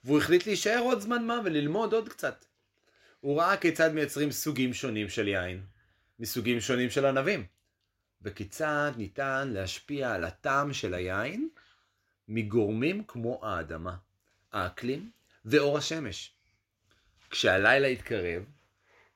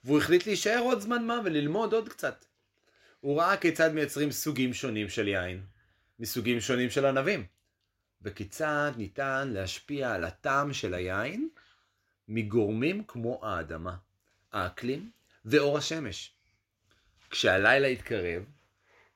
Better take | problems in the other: neither | none

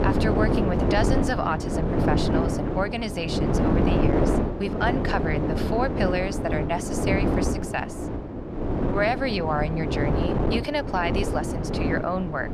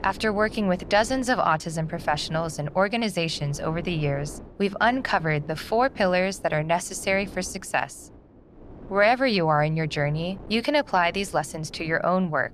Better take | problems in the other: second | wind noise on the microphone; heavy; 1 dB below the speech; occasional gusts in the second

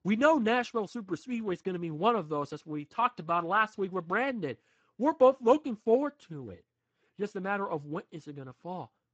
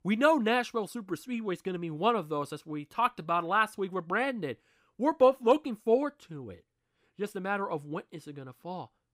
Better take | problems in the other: second | garbled, watery; badly; nothing above 7.5 kHz

